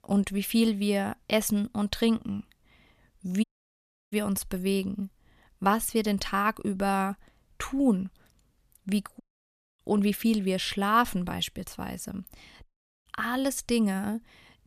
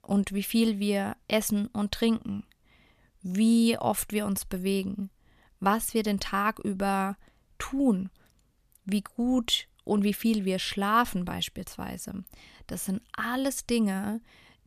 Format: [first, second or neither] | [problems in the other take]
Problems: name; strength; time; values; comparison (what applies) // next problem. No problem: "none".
second | audio cutting out; at 3.5 s for 0.5 s, at 9 s for 0.5 s and at 13 s